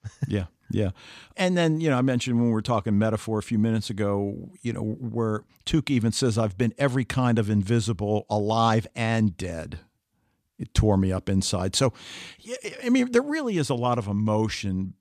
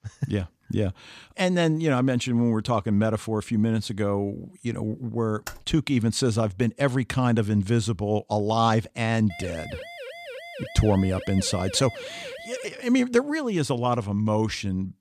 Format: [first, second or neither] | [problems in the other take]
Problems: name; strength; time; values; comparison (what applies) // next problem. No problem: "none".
first | keyboard typing; faint; at 5.5 s; peak 15 dB below the speech // siren; faint; from 9.5 to 13 s; peak 10 dB below the speech